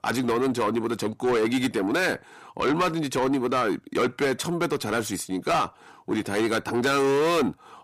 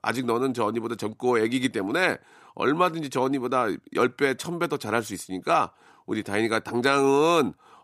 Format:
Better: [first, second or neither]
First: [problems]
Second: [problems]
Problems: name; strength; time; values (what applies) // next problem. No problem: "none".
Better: second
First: distortion; heavy; 7 dB below the speech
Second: none